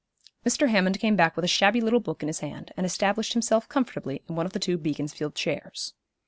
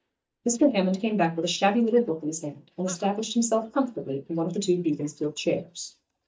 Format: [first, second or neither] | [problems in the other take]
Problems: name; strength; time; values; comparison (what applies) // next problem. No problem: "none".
first | noise reduction (neural mask model DeepFilterNet 3)